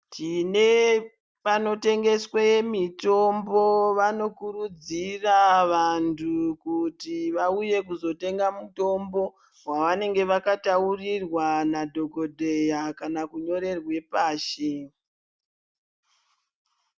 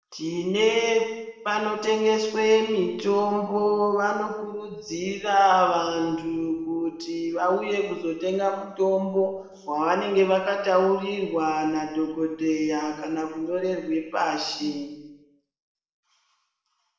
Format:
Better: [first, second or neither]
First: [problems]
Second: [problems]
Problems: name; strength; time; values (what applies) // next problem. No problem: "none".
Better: first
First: none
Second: room echo; dies away in 0.9 s